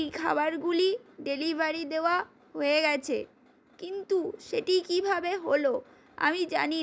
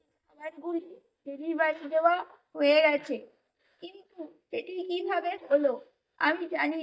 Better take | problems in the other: first | noise reduction (neural mask model DeepFilterNet 3)

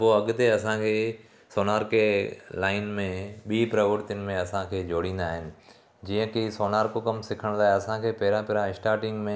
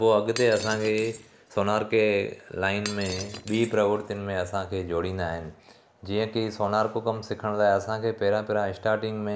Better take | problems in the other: first | background sound (Shatter); 15 dB below the speech

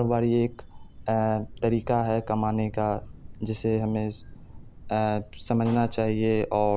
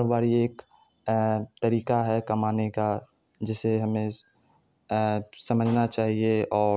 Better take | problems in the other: second | background sound (Thunder); 15 dB below the speech

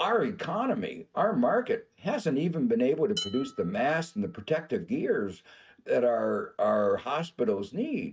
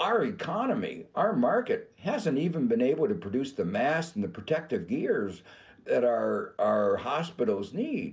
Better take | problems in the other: second | noise reduction (neural mask model RNNoise)

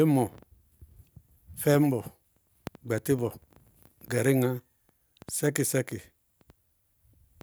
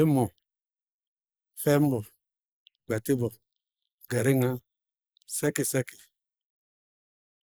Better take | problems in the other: first | noise reduction (neural mask model Resemble Enhance denoiser)

